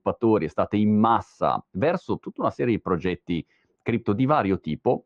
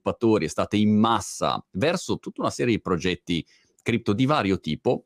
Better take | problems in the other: second | muffled; very; fading above 2 kHz

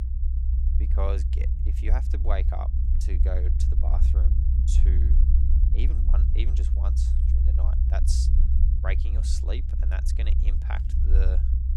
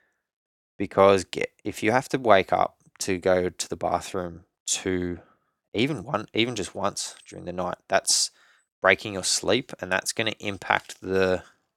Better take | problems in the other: second | low rumble; loud; throughout; 3 dB below the speech

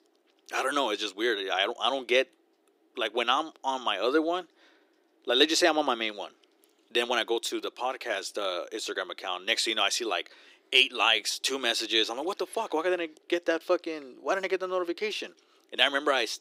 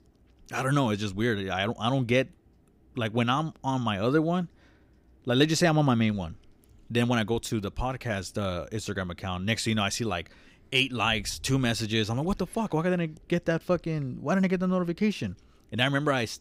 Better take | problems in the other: second | thin; very; fading below 350 Hz

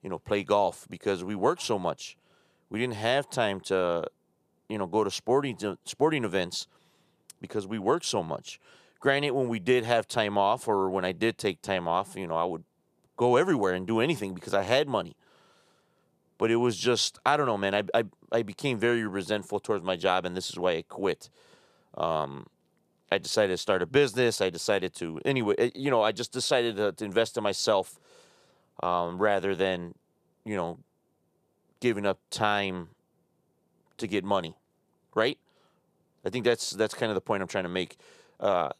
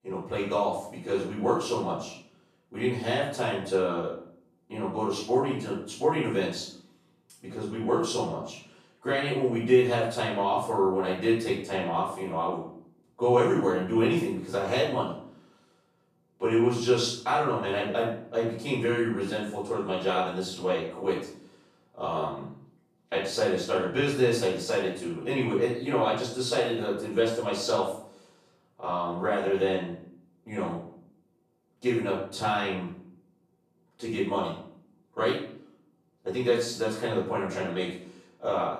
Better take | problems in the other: first | off-mic speech; far // room echo; noticeable; dies away in 0.5 s

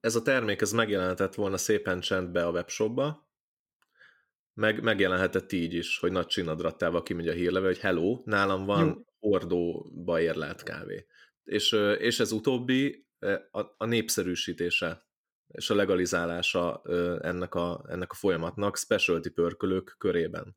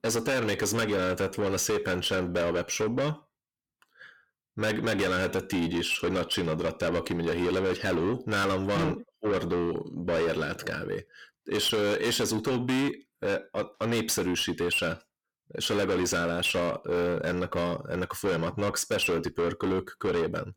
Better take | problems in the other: first | distortion; heavy; 6 dB below the speech

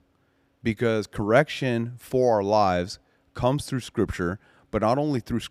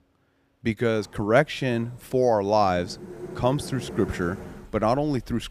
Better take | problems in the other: first | household noises; noticeable; from 1 s on; 15 dB below the speech

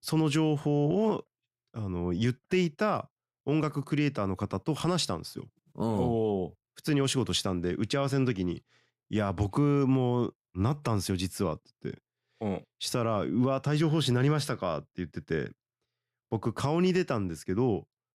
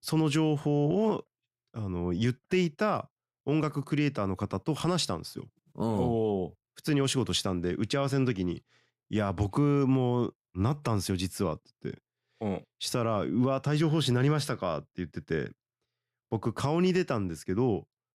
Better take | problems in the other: neither | none

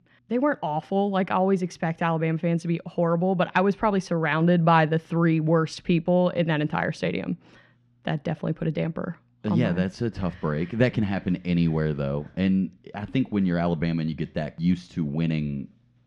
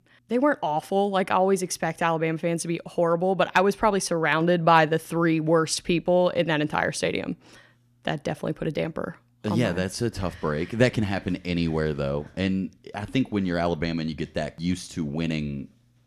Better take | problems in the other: second | muffled; very slightly; fading above 3.5 kHz

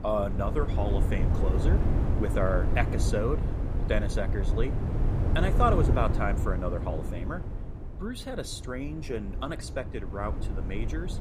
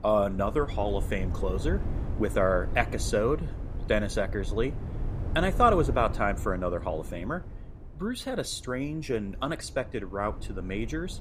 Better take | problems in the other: second | wind noise on the microphone; heavy; 7 dB below the speech; occasional gusts in the second

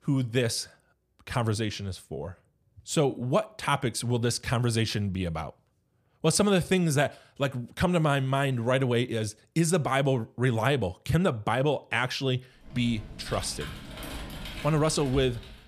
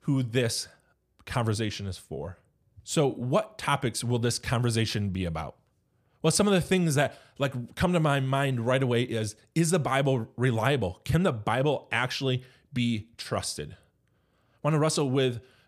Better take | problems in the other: second | keyboard typing; faint; from 13 s on; peak 10 dB below the speech

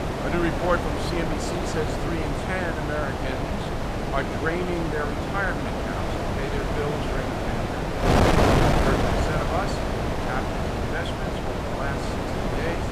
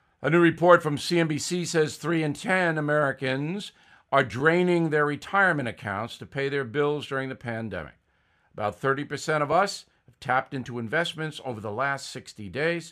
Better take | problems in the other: second | wind noise on the microphone; heavy; 3 dB above the speech

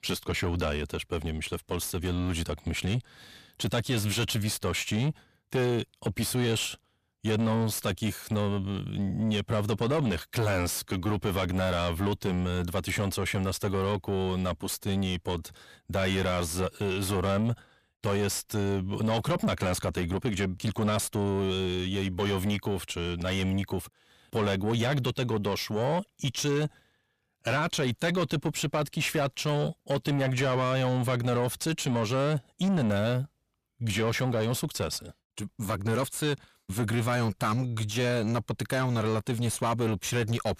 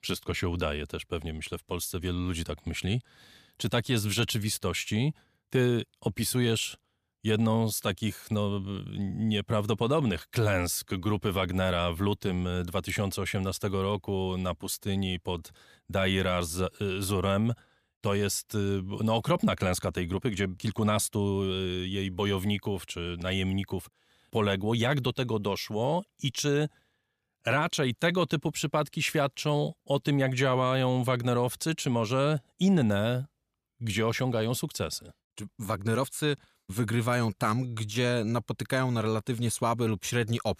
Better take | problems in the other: second | distortion; slight; 10 dB below the speech

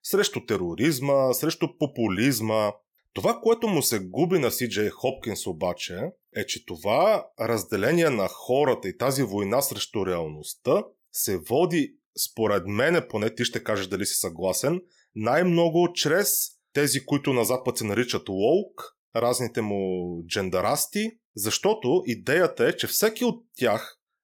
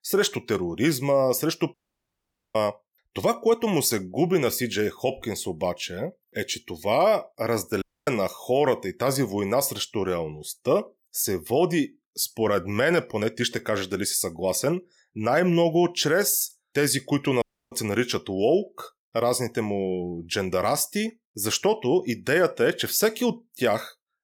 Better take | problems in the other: first | audio cutting out; at 1.5 s for 1 s, at 8 s and at 17 s

